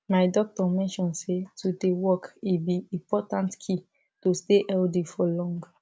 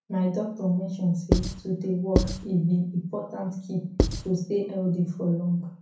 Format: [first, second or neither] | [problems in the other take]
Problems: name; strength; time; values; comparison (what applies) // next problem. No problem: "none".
first | background sound (Writing); as loud as the speech // room echo; dies away in 0.5 s